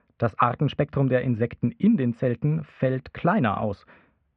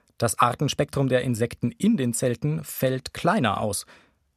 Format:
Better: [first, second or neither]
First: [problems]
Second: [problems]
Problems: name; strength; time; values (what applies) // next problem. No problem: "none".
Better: second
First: muffled; very; fading above 2.5 kHz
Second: none